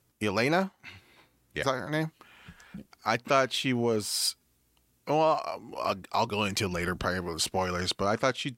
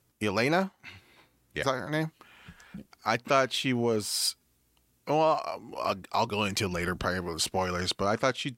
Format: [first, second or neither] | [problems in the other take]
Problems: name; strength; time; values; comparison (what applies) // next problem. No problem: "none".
neither | none